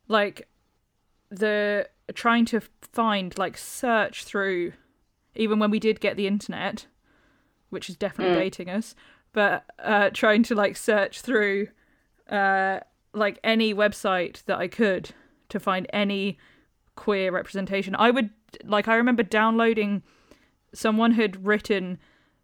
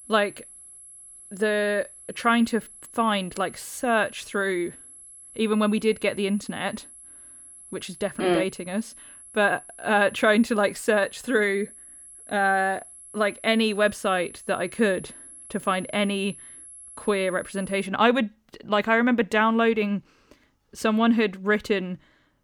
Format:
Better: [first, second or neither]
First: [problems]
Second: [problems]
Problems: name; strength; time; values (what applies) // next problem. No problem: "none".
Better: first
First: none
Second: high-pitched whine; noticeable; until 18 s; 11 kHz, 20 dB below the speech